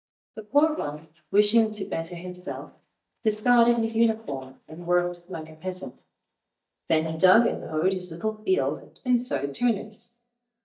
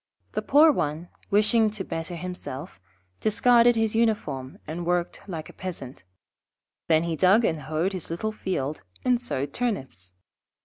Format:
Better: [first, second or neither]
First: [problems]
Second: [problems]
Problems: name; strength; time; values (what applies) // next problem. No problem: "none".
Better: second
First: noise reduction (neural mask model DeepFilterNet 3)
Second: none